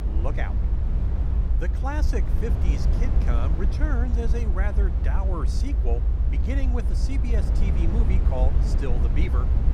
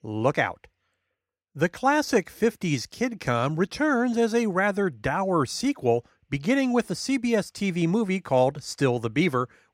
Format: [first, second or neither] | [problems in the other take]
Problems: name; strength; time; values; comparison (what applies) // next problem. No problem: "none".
second | low rumble; loud; throughout; 4 dB below the speech